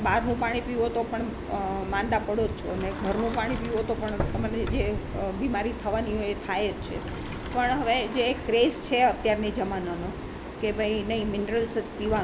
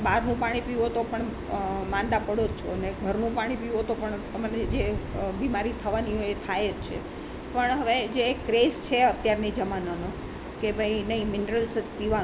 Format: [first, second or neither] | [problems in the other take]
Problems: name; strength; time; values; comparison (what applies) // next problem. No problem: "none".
second | background sound (Sliding door); 13 dB below the speech